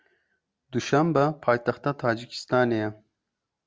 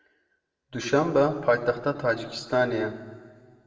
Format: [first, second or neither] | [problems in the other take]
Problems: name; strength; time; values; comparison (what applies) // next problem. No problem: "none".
first | room echo; dies away in 1.6 s